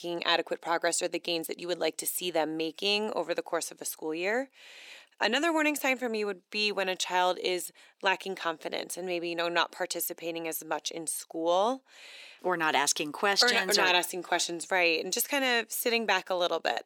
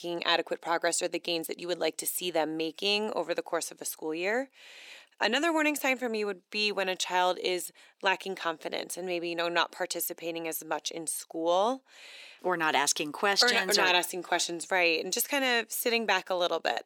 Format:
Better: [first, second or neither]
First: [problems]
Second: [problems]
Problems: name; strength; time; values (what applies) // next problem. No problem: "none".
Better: neither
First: thin; somewhat; fading below 300 Hz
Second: thin; somewhat; fading below 300 Hz